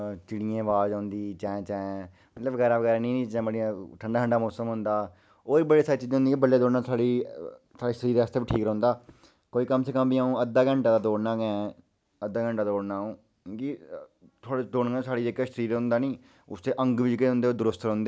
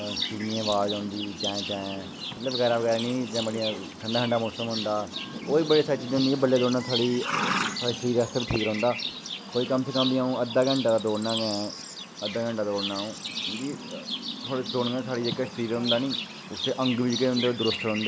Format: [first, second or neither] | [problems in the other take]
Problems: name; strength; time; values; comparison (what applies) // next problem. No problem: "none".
first | background sound (Livestock, farm animals, working animals); 6 dB below the speech